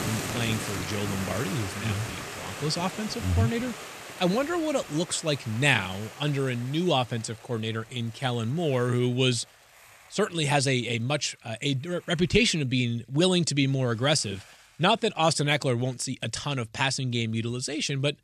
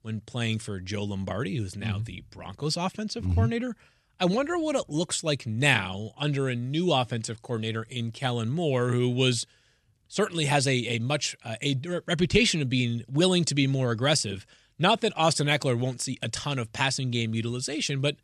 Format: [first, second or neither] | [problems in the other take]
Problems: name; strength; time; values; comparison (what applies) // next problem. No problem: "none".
second | hiss; noticeable; throughout; 10 dB below the speech